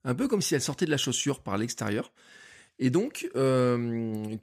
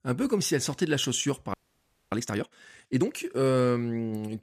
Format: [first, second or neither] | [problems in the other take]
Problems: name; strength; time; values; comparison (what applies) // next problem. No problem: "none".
first | audio freezing; at 1.5 s for 0.5 s